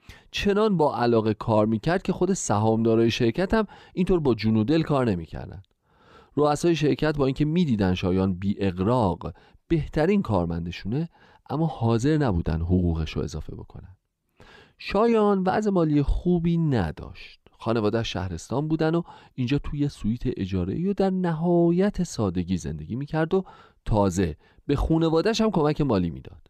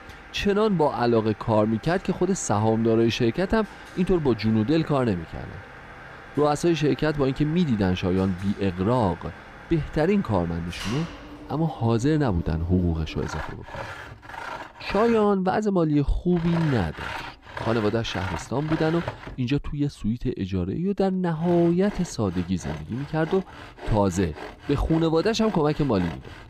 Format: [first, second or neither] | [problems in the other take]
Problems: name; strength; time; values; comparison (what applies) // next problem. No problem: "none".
first | machinery noise; noticeable; throughout; 15 dB below the speech